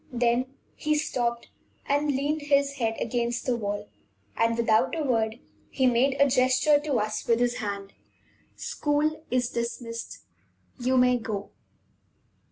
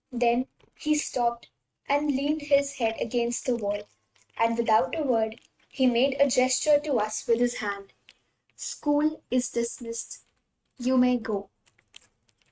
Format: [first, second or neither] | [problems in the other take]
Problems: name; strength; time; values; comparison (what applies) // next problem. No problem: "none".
first | noise reduction (neural mask model RNNoise)